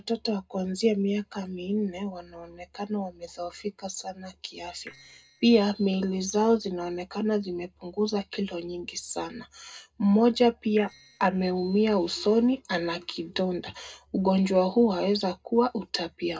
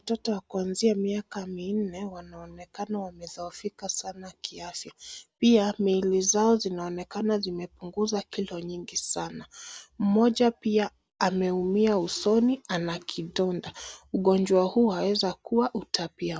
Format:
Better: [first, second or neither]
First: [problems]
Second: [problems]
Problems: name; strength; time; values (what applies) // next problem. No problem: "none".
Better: second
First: noise reduction (neural separator model SepFormer DNS4)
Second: none